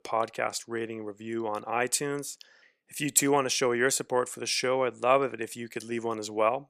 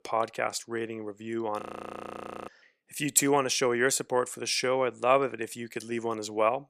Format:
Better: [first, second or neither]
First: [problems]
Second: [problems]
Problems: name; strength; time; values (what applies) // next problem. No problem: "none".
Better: first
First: none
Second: audio freezing; at 1.5 s for 1 s